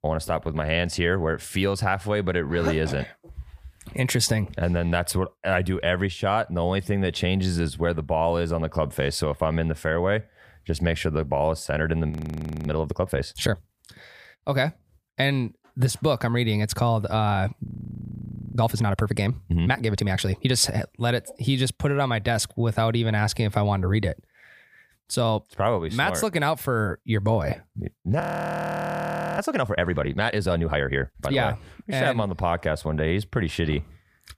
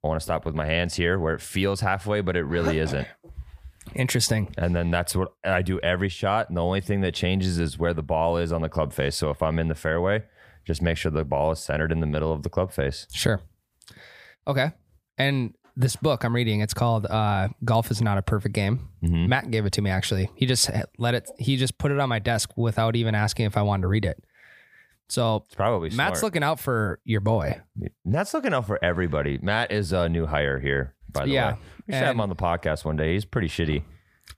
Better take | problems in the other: second | audio freezing; at 12 s for 0.5 s, at 18 s for 1 s and at 28 s for 1 s

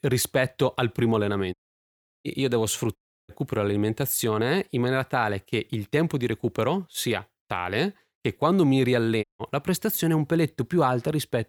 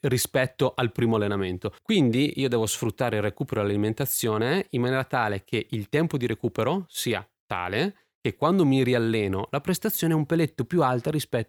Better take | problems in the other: second | audio cutting out; at 1.5 s for 0.5 s, at 3 s and at 9 s

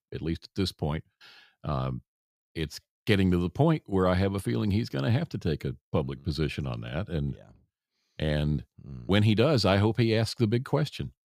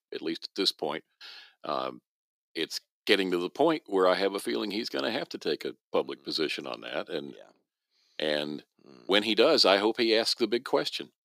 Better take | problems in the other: first | thin; somewhat; fading below 300 Hz

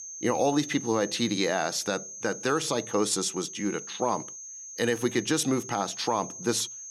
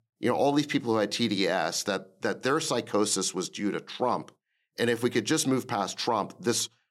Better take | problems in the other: second | high-pitched whine; noticeable; throughout; 6.5 kHz, 10 dB below the speech

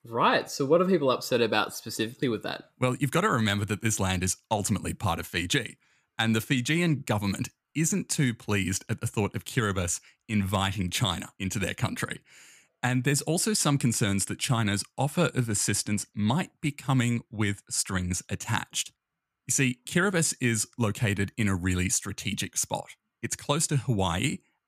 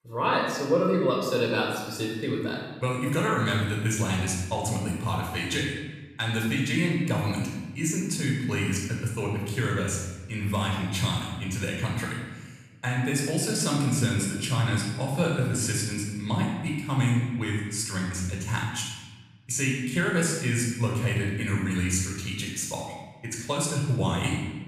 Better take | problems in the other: first | off-mic speech; somewhat distant // room echo; noticeable; dies away in 1.1 s

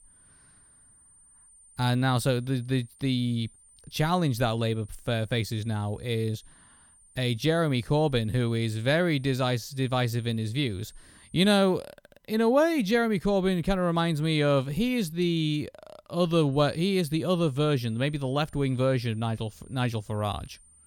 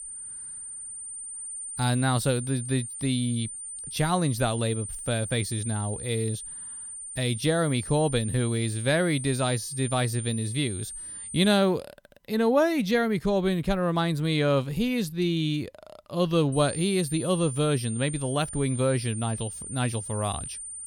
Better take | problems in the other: first | high-pitched whine; loud; until 11 s and from 17 s on; 9 kHz, 9 dB below the speech; faint in the first

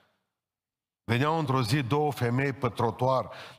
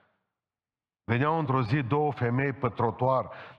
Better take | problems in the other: first | muffled; slightly; fading above 2 kHz

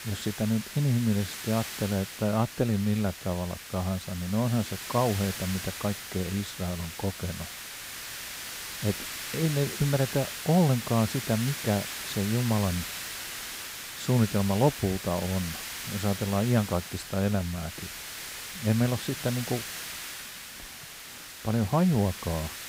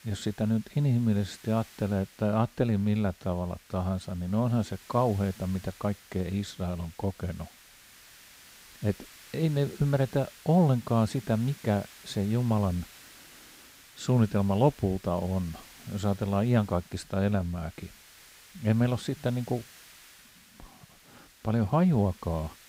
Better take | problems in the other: second | hiss; loud; throughout; 7 dB below the speech; faint in the second

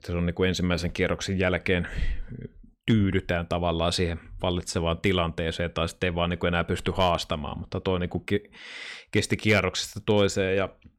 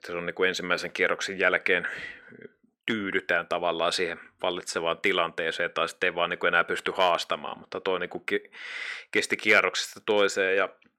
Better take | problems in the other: first | thin; very; fading below 400 Hz

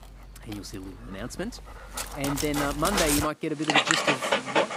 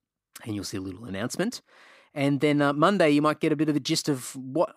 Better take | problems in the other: second | animal sounds; very loud; throughout; 5 dB above the speech

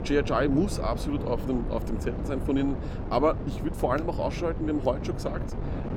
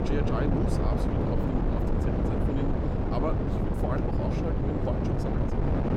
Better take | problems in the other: first | wind noise on the microphone; heavy; 4 dB above the speech; occasional gusts in the first

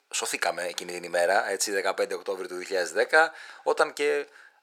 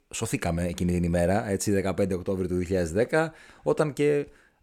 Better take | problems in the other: second | thin; very; fading below 500 Hz

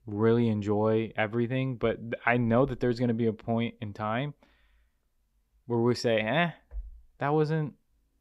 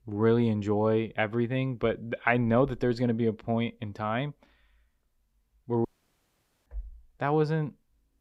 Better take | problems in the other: first | audio cutting out; at 6 s for 1 s

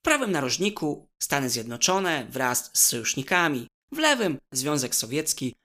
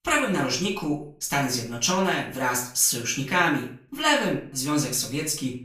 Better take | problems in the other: first | room echo; slight; dies away in 0.4 s // off-mic speech; far

